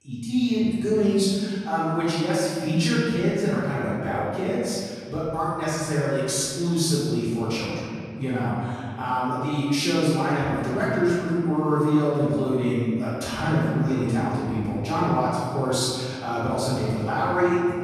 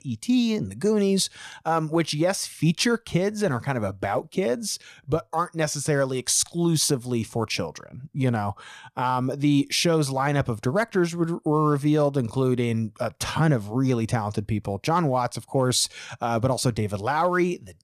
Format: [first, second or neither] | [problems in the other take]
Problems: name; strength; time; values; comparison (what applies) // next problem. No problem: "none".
second | off-mic speech; far // room echo; strong; dies away in 2 s